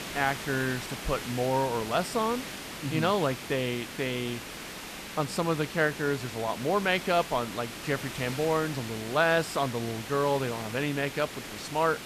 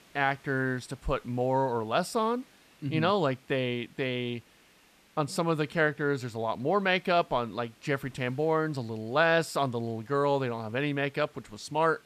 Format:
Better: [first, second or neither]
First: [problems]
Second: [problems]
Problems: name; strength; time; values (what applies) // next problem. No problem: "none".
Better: second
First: hiss; loud; throughout; 9 dB below the speech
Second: hiss; faint; throughout; 30 dB below the speech